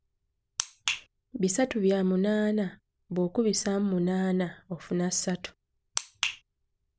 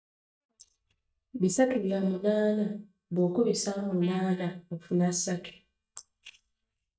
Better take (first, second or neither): first